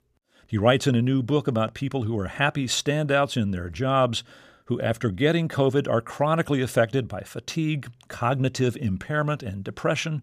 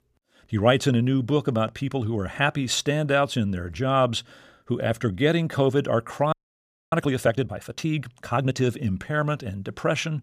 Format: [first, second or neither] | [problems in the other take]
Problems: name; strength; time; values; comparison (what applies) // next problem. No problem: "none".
first | audio freezing; at 6.5 s for 0.5 s